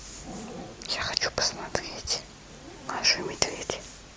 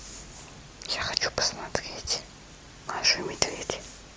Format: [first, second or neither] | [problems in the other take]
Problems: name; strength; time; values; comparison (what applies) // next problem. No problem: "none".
second | background sound (Zipper (clothing)); 16 dB below the speech